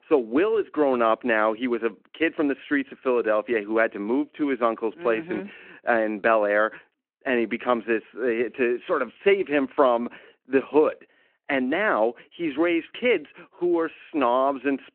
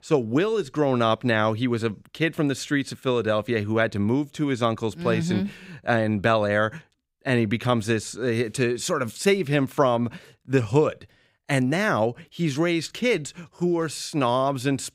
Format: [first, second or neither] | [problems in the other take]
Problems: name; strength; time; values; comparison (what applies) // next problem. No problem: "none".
second | phone-call audio